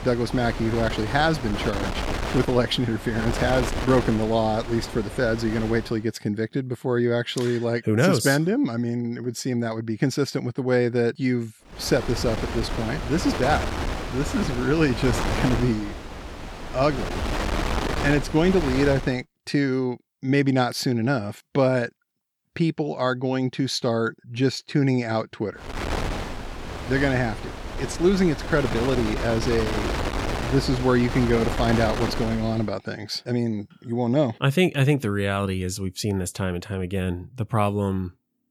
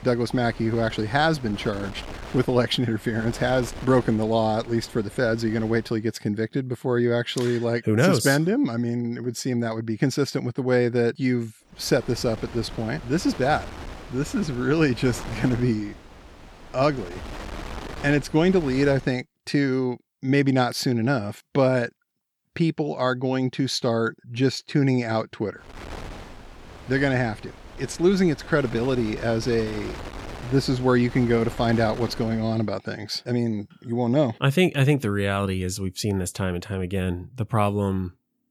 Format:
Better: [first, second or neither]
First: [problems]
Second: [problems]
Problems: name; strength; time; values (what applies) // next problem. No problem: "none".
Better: second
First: wind noise on the microphone; heavy; until 6 s, from 12 to 19 s and from 26 to 33 s; 5 dB below the speech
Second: wind noise on the microphone; occasional gusts; until 6 s, from 12 to 19 s and from 26 to 33 s; 15 dB below the speech